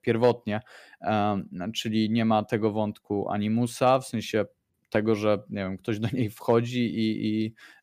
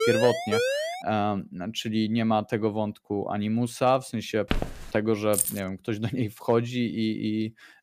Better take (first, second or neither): first